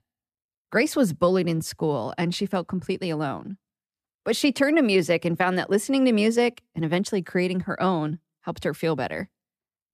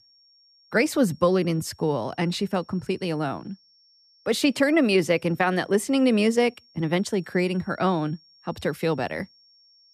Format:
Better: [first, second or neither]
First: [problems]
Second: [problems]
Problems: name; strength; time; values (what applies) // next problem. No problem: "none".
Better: first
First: none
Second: high-pitched whine; faint; throughout; 5.5 kHz, 30 dB below the speech